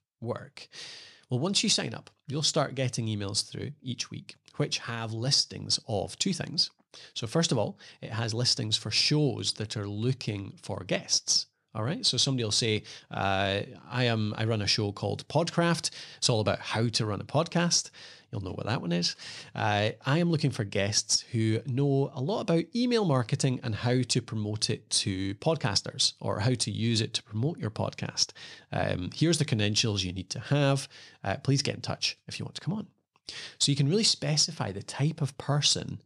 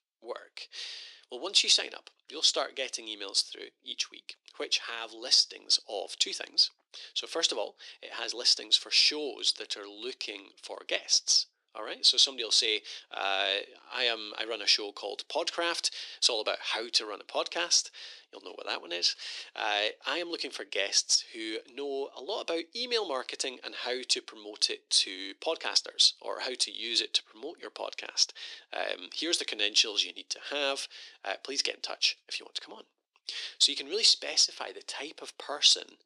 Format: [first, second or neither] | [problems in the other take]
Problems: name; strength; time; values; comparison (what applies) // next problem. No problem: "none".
first | thin; very; fading below 350 Hz